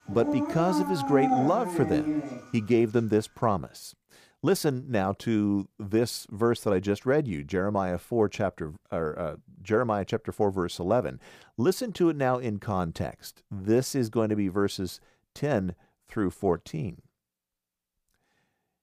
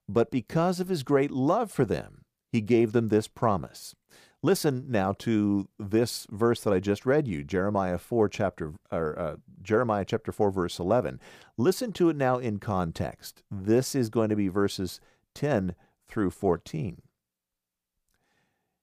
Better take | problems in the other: second | dog barking; loud; until 2.5 s; peak 2 dB above the speech

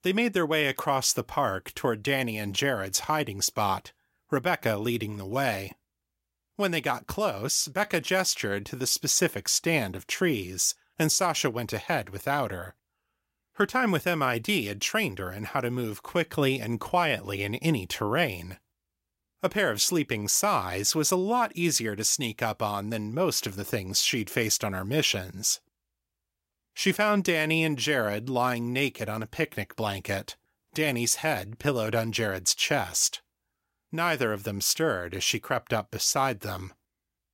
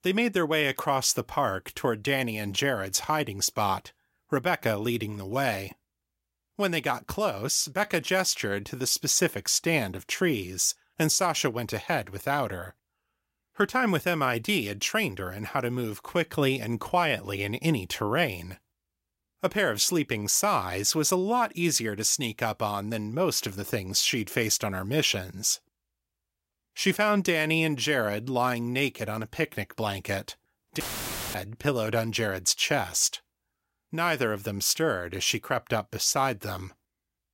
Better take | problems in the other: first | audio cutting out; filled with static; at 31 s for 0.5 s

